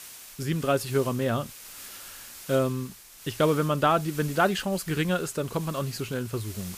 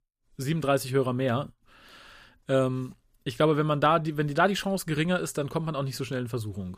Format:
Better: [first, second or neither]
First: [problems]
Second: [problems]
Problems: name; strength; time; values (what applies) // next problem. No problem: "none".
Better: second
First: hiss; noticeable; throughout; 15 dB below the speech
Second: none